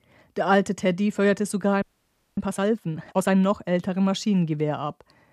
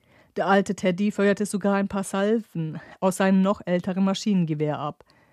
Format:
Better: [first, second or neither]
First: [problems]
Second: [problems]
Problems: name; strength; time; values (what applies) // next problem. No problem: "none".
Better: second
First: audio freezing; at 2 s for 0.5 s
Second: none